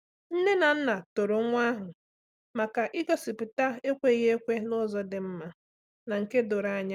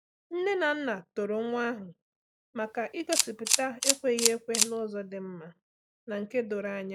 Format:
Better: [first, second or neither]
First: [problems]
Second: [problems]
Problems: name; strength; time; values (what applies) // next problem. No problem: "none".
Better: first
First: none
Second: noise reduction (classical method log-MMSE)